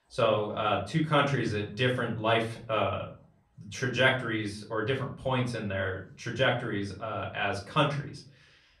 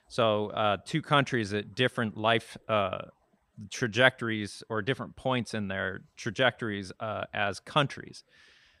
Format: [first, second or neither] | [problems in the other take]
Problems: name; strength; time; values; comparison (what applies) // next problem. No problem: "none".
second | off-mic speech; far // room echo; slight; dies away in 0.4 s